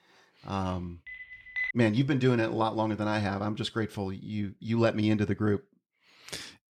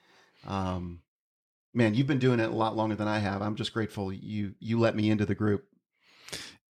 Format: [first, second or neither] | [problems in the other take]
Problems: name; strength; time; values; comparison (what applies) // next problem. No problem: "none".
second | phone ringing; noticeable; at 1 s; peak 3 dB below the speech